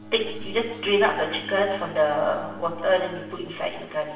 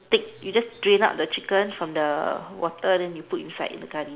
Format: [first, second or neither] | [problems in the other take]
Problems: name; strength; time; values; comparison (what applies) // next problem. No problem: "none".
second | background sound (Bowed string instrument); 16 dB below the speech // room echo; dies away in 1 s